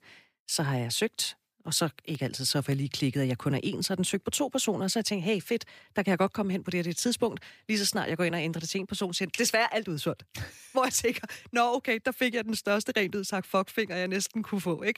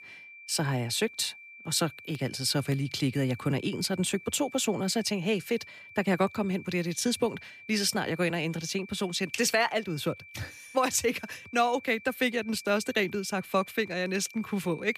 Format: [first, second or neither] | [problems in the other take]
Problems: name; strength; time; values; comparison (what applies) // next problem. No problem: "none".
first | high-pitched whine; noticeable; throughout; 2.5 kHz, 20 dB below the speech